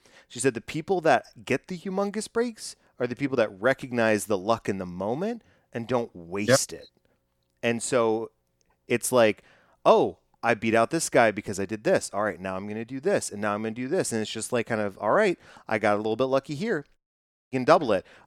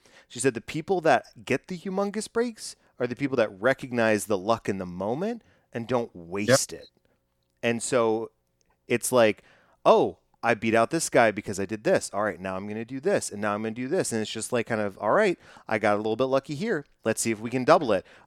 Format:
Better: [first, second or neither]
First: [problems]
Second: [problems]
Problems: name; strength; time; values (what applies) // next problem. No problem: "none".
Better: second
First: audio cutting out; at 17 s for 0.5 s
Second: none